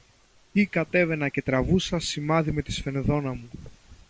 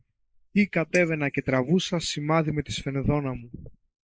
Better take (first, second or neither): first